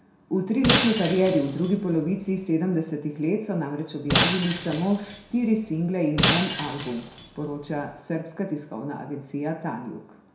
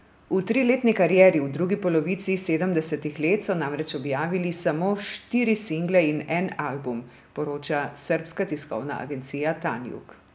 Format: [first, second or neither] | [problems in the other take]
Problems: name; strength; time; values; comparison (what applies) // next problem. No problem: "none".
second | background sound (Shatter); 2 dB below the speech // room echo; dies away in 0.6 s